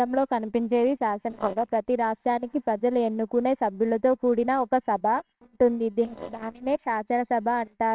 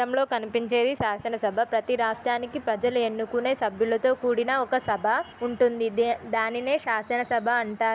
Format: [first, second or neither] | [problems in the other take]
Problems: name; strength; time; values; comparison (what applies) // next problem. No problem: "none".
second | noise reduction (neural separator model SepFormer WHAMR!)